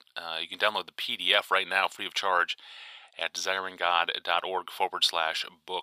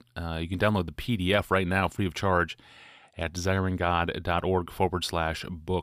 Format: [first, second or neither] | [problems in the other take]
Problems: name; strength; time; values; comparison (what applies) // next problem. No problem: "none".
second | thin; very; fading below 800 Hz